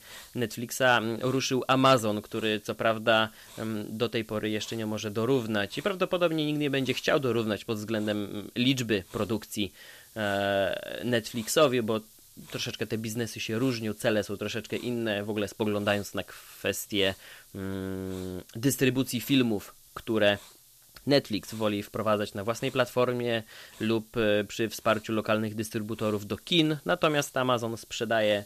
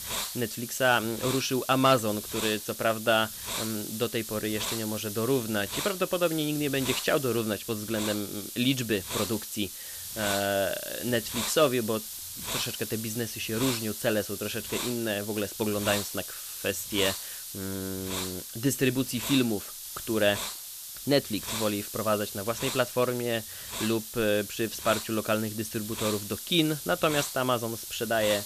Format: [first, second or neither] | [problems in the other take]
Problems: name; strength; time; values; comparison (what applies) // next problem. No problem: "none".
first | hiss; loud; throughout; 6 dB below the speech; faint in the first